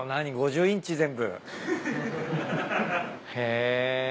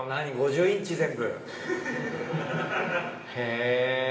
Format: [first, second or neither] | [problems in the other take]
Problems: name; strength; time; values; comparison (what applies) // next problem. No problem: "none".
first | room echo; dies away in 2.9 s